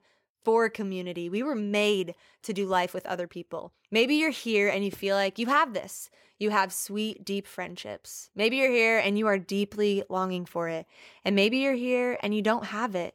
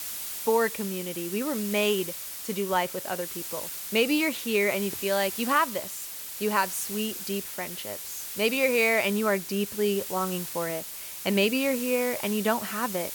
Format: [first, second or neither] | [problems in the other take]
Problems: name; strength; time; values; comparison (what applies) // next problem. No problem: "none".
first | hiss; loud; throughout; 7 dB below the speech